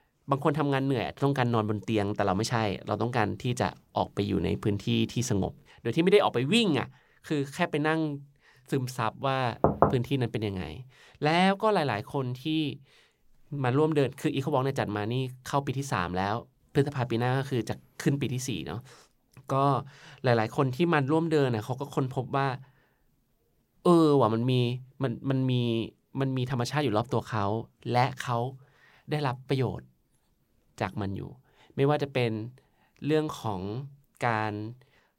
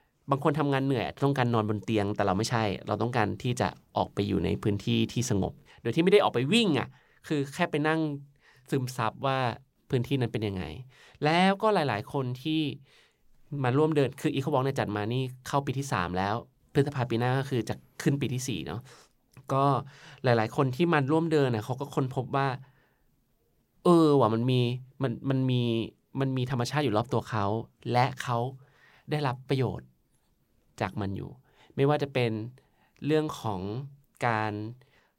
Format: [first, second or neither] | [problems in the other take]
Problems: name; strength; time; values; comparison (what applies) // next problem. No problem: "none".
second | door banging; loud; at 9.5 s; peak 4 dB above the speech